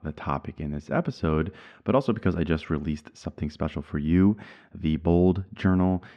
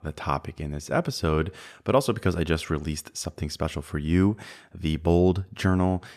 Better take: second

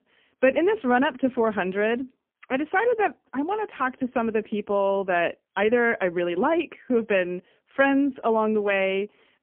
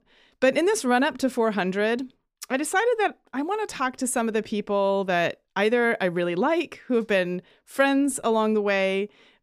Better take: second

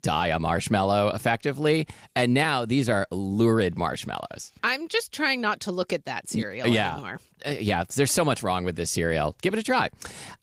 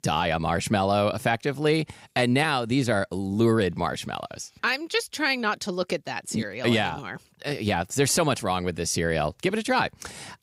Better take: second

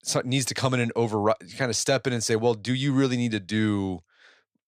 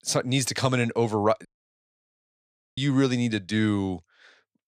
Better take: first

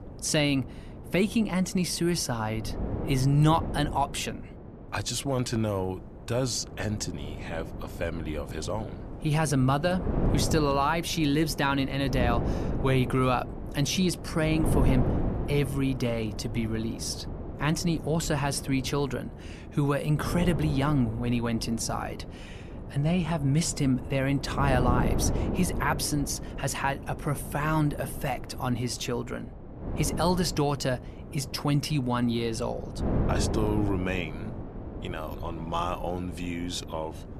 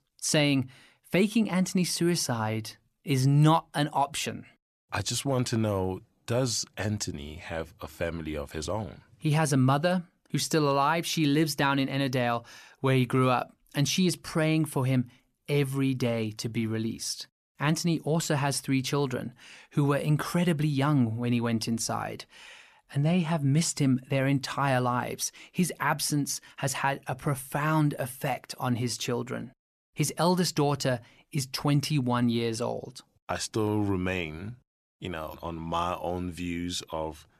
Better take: second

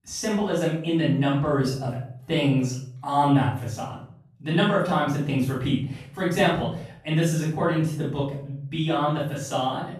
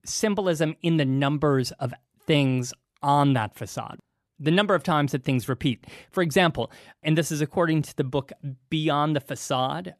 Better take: second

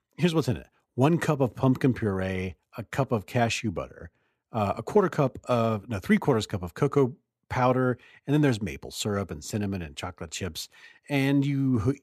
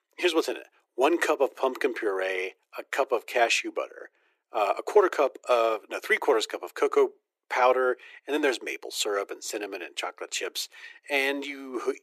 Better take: first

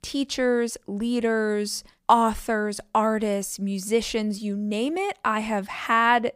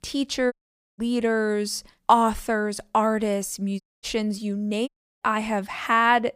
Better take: first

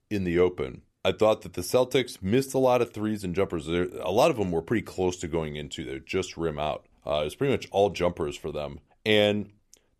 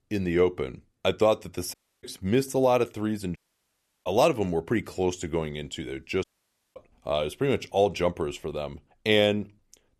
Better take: first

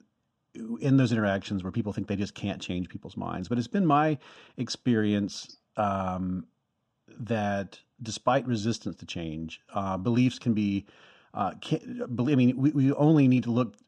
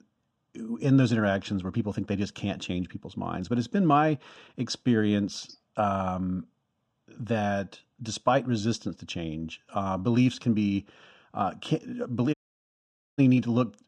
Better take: first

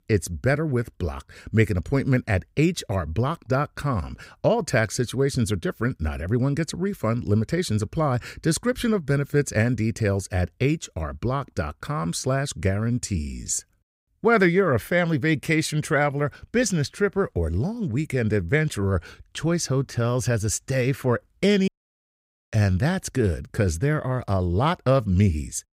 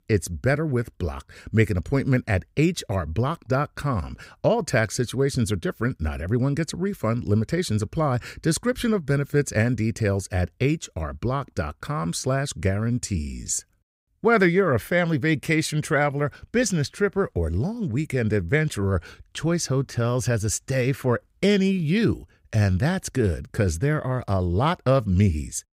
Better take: second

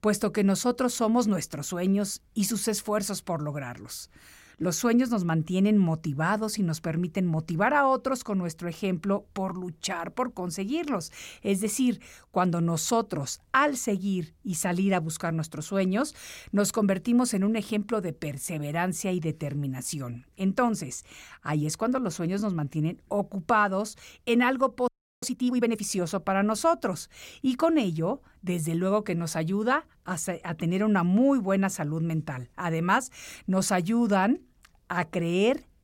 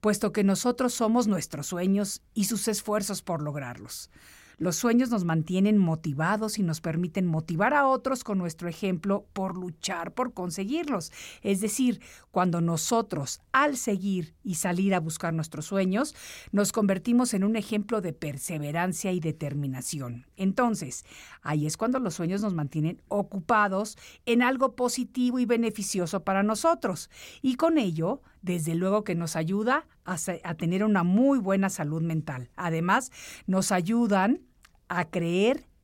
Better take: second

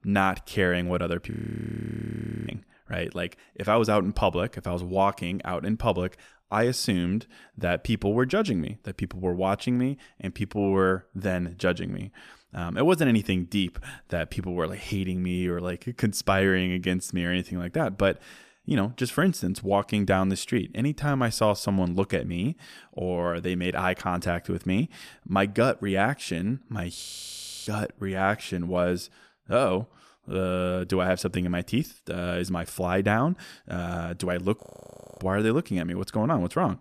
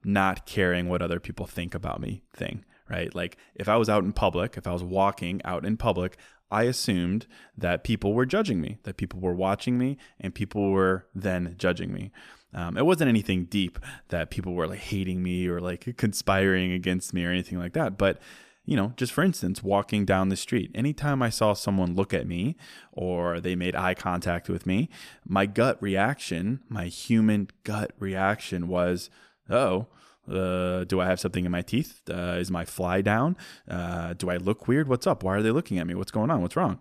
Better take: second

